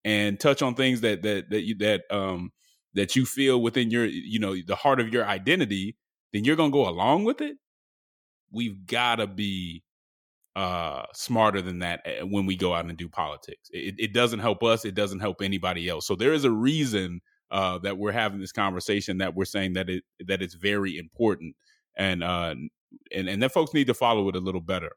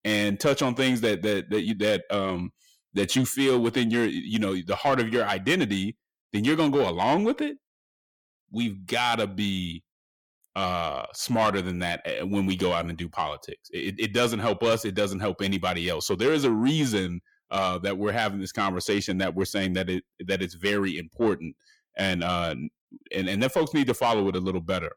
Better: first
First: none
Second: distortion; slight; 10 dB below the speech

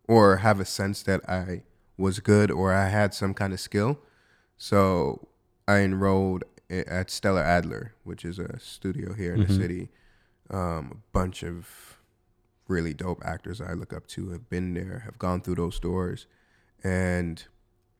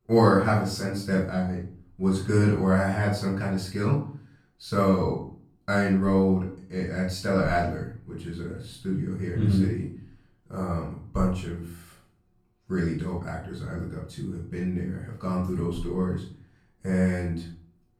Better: first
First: none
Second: off-mic speech; far // room echo; noticeable; dies away in 0.4 s

